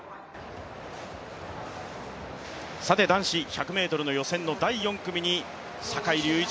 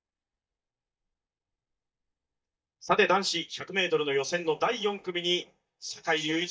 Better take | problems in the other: first | noise reduction (neural mask model DeepFilterNet 3)

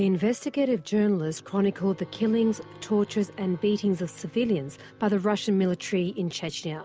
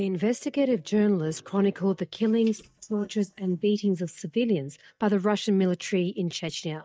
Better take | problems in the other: first | noise reduction (neural mask model DeepFilterNet 3)

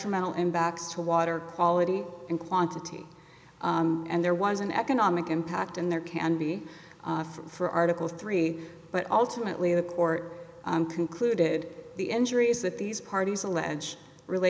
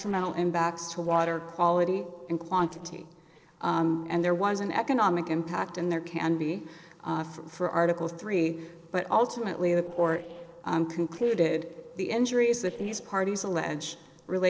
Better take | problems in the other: first | noise reduction (neural separator model SepFormer DNS4)

